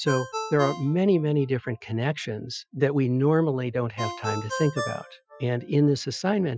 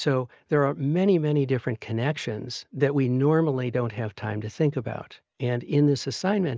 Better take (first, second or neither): second